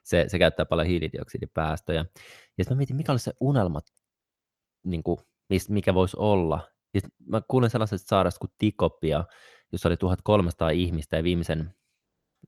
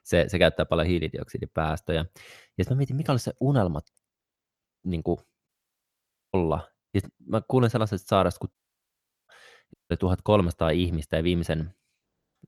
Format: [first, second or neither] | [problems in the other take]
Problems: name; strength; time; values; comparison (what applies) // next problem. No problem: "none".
first | audio cutting out; at 5.5 s for 1 s, at 8.5 s for 0.5 s and at 9.5 s